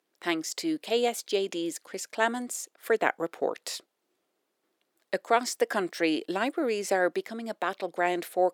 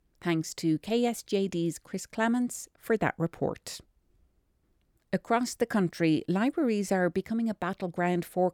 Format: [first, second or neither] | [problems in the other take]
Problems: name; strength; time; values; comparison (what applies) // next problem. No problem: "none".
second | thin; somewhat; fading below 350 Hz